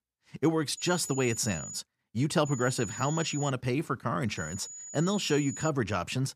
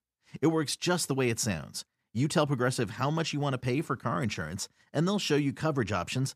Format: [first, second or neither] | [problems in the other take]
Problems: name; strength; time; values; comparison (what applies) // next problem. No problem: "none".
second | high-pitched whine; loud; from 1 to 2 s, from 2.5 to 3.5 s and from 4.5 to 5.5 s; 7 kHz, 10 dB below the speech